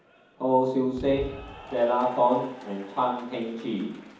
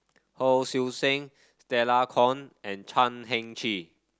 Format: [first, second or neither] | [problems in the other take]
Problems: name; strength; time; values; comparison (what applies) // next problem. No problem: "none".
second | background sound (Applause / Cheering); 18 dB below the speech // room echo; dies away in 1.2 s